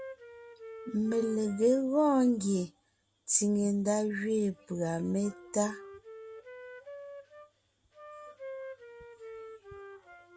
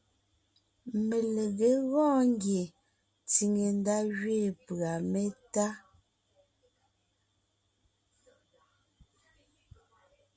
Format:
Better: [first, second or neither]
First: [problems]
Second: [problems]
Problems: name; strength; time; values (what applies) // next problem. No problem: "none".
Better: second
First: background sound (Wind instrument, woodwind instrument); 17 dB below the speech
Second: none